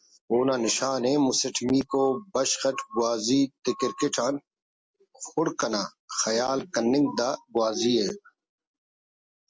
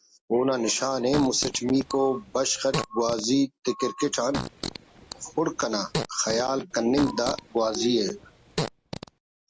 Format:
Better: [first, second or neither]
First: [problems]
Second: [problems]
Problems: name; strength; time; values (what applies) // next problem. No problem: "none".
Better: first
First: none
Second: background sound (Fart); 9 dB below the speech